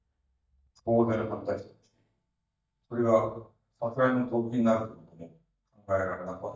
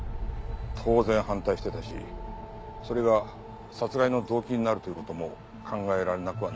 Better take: second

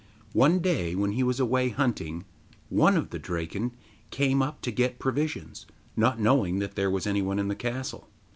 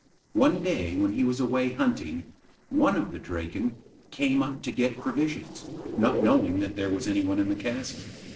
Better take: first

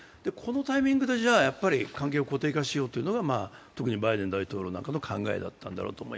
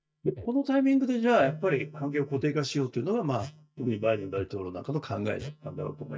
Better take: first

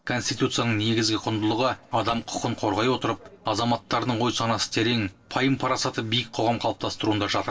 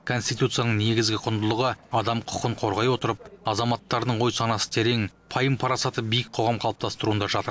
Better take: second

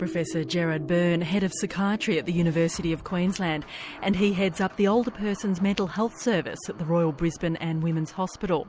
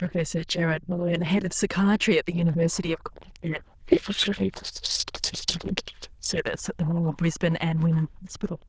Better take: first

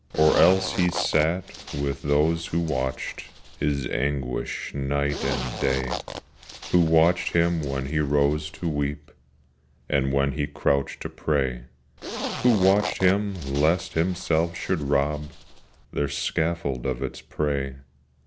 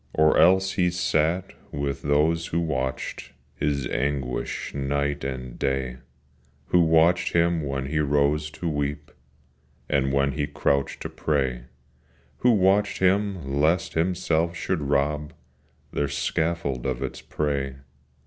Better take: second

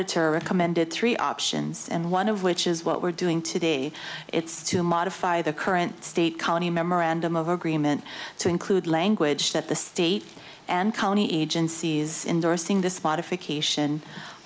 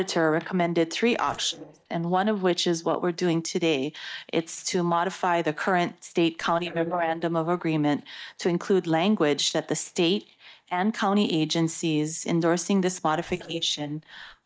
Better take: first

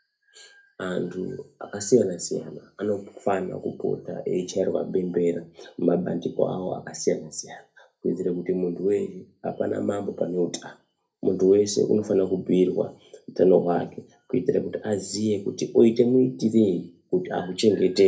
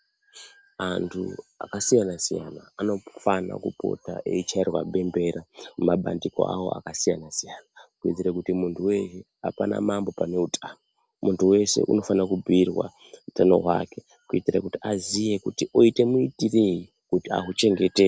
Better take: second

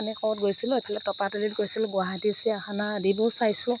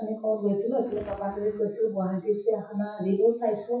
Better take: first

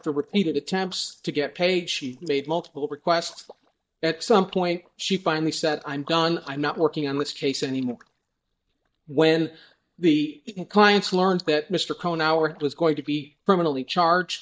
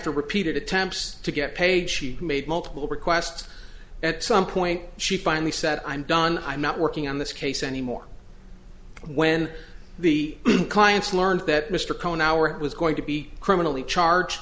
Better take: second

